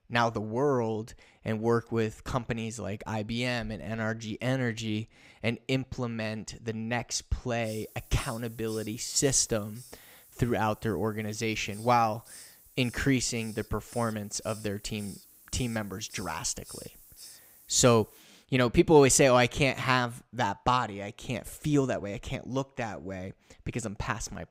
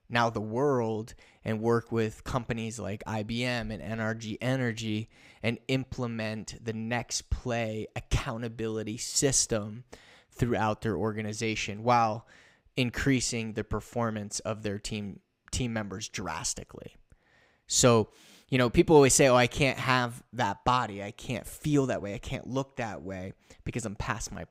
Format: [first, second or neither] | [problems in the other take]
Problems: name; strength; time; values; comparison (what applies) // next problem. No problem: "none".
second | hiss; noticeable; from 7.5 to 18 s; 20 dB below the speech